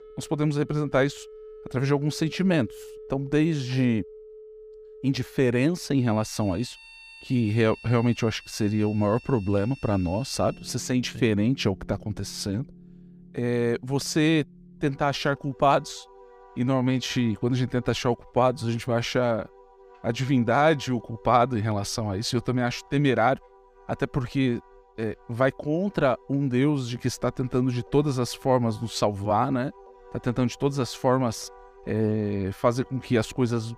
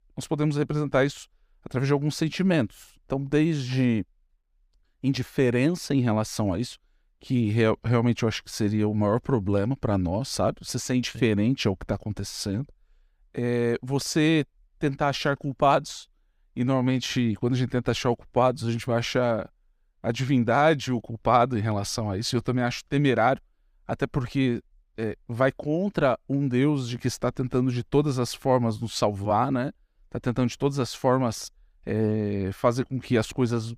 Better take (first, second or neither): second